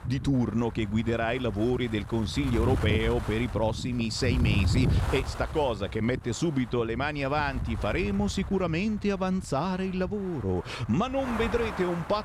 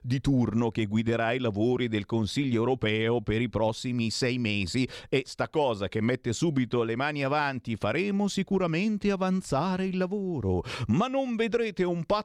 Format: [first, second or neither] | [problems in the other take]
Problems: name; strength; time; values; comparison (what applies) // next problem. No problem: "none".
second | wind noise on the microphone; heavy; 10 dB below the speech